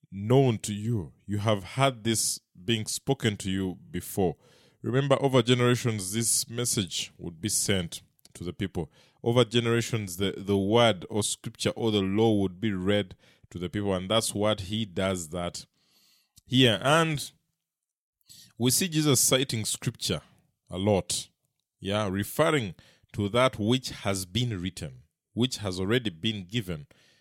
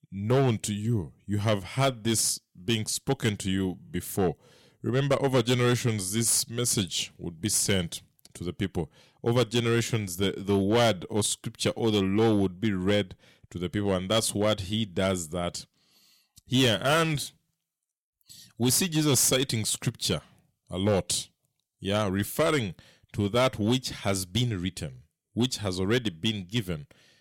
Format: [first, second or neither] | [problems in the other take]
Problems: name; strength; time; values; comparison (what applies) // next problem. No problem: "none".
first | distortion; slight; 4% of the sound clipped